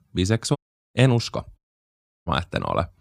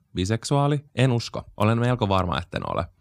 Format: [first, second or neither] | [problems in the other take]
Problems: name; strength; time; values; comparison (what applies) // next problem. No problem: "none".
second | audio cutting out; at 0.5 s and at 1.5 s for 0.5 s